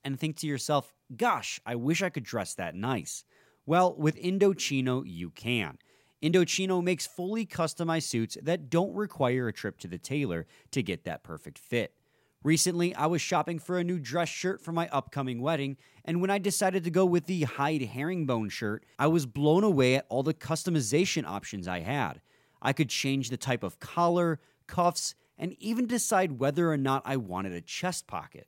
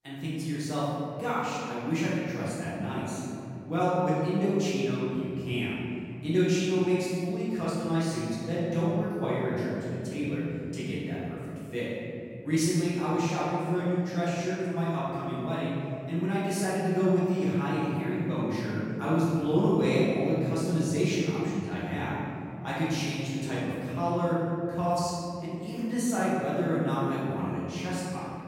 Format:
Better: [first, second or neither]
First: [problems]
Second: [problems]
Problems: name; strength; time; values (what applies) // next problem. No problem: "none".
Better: first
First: none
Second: room echo; strong; dies away in 3 s // off-mic speech; far